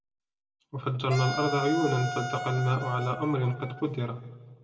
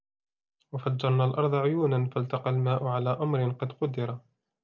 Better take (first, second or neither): second